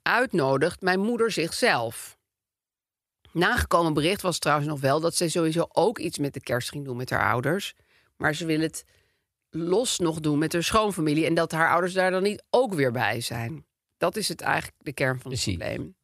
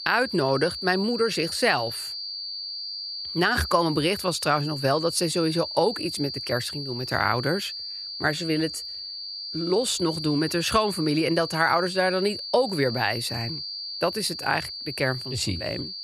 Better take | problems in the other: first | high-pitched whine; loud; throughout; 4.5 kHz, 6 dB below the speech

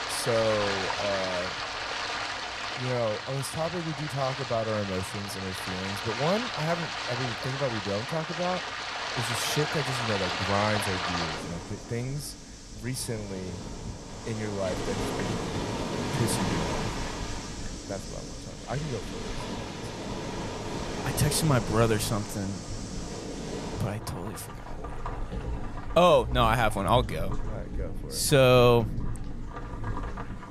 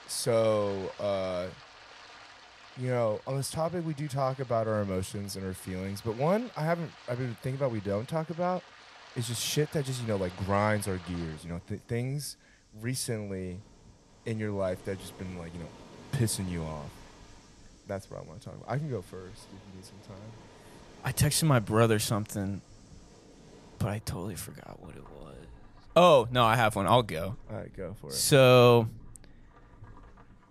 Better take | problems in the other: second | rain or running water; loud; throughout; 5 dB below the speech; faint in the second

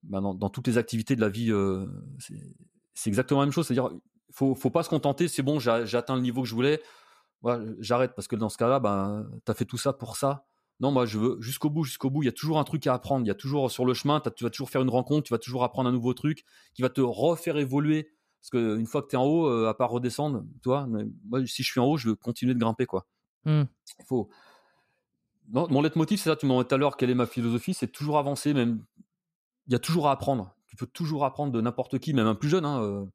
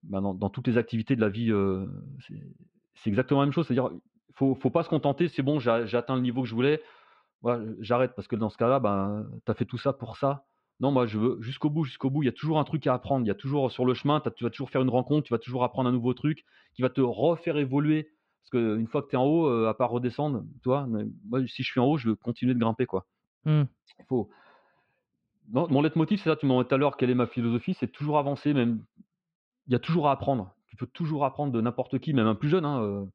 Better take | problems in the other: first | muffled; slightly; fading above 3 kHz

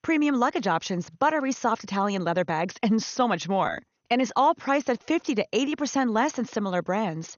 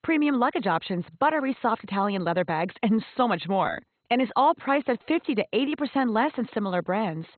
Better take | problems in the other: first | garbled, watery; badly; nothing above 4 kHz; slightly in the first

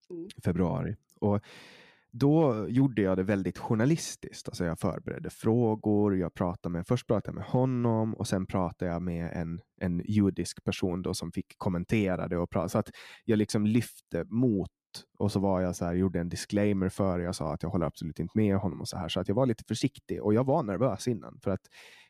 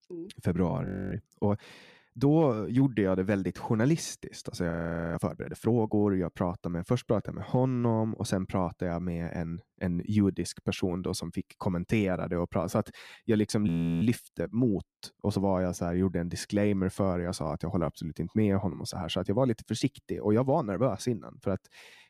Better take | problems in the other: first | audio freezing; at 1 s, at 4.5 s and at 14 s

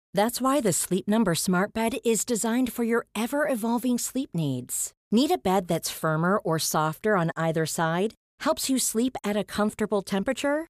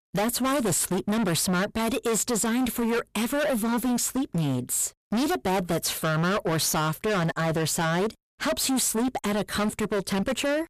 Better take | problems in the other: first | distortion; heavy; 30% of the sound clipped

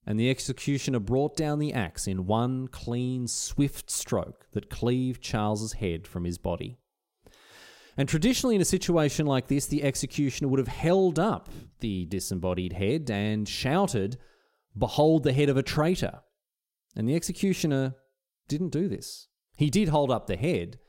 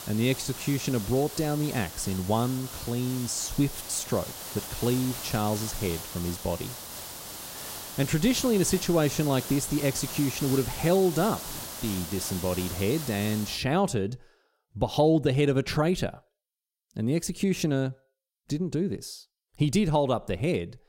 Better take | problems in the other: first | hiss; loud; until 14 s; 9 dB below the speech

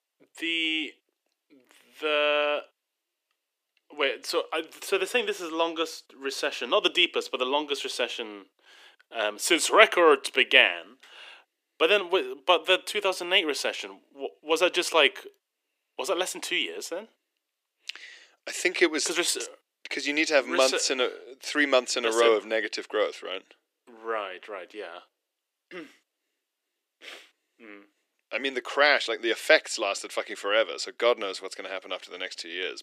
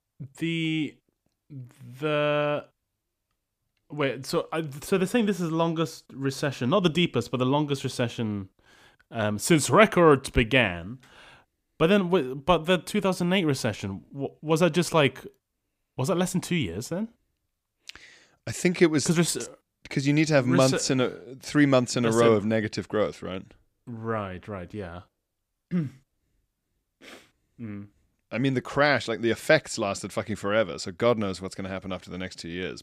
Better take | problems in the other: second | thin; very; fading below 350 Hz

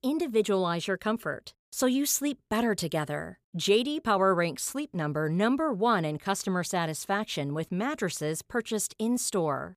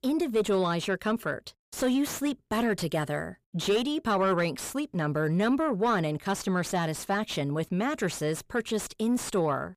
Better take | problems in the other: first | distortion; slight; 10 dB below the speech

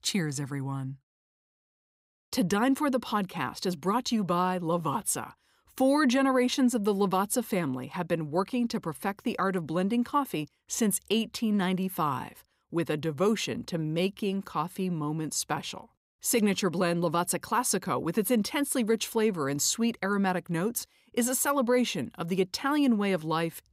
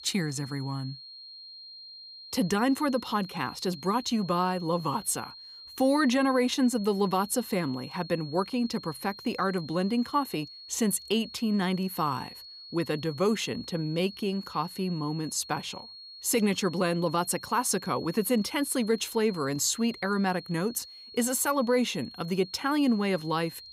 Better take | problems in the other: first | high-pitched whine; noticeable; throughout; 4.5 kHz, 15 dB below the speech

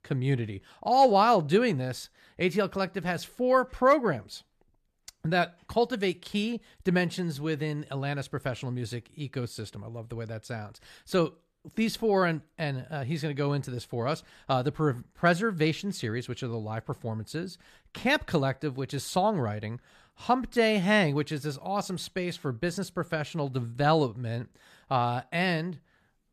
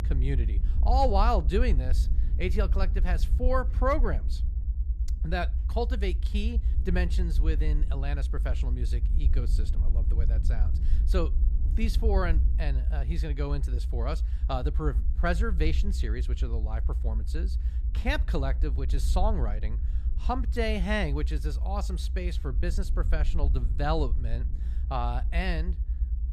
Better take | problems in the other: first | low rumble; noticeable; throughout; 15 dB below the speech

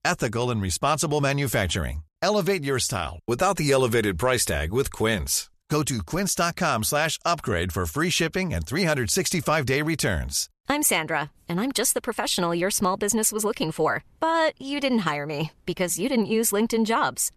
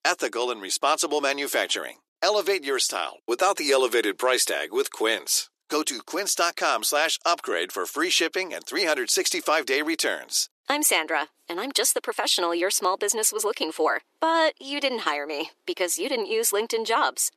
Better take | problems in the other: first | thin; somewhat; fading below 300 Hz

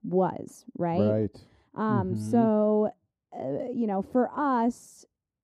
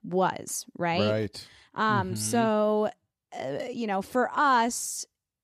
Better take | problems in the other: second | muffled; very; fading above 1 kHz

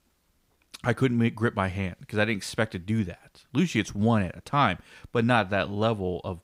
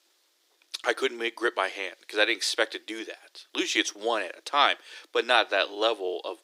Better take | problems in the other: first | thin; very; fading below 300 Hz

